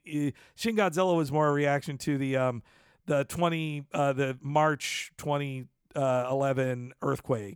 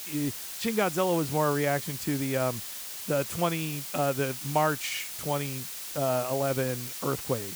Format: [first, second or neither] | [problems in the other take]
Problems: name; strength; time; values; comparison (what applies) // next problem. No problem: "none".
first | hiss; loud; throughout; 6 dB below the speech